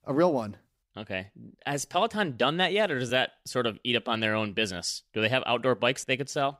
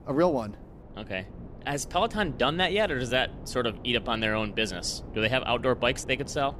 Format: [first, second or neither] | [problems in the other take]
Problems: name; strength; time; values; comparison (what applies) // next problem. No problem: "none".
first | wind noise on the microphone; occasional gusts; 20 dB below the speech